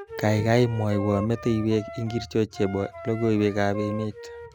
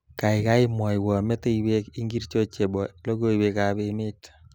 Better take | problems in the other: second | background sound (Wind instrument, woodwind instrument); 13 dB below the speech

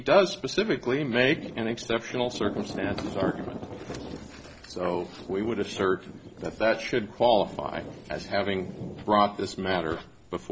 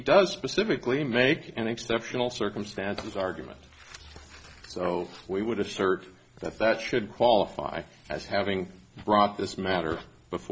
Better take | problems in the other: second | background sound (Thunder); 12 dB below the speech

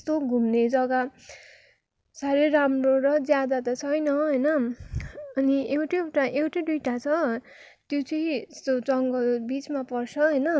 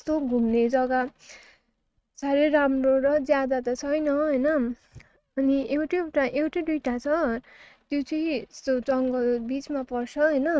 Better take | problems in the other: first | noise reduction (neural mask model RNNoise)

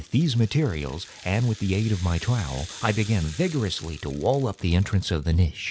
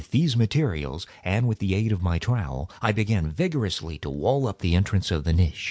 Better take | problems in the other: second | background sound (Rattle (instrument)); 20 dB below the speech

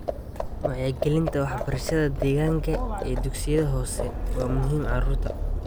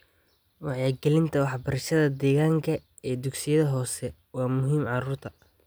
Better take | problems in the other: second | background sound (Livestock, farm animals, working animals); 1 dB below the speech

